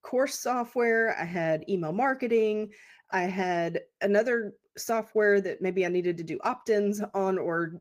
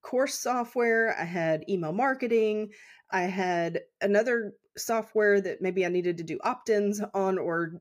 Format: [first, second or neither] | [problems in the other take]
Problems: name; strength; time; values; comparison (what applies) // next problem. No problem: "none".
second | garbled, watery; slightly; nothing above 15 kHz